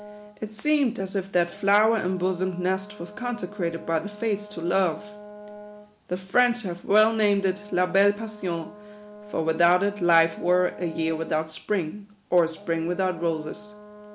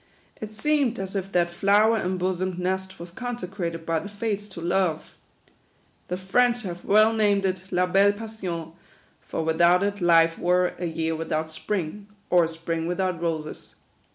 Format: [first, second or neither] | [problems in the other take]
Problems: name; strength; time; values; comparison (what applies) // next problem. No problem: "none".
second | background sound (Brass instrument); 18 dB below the speech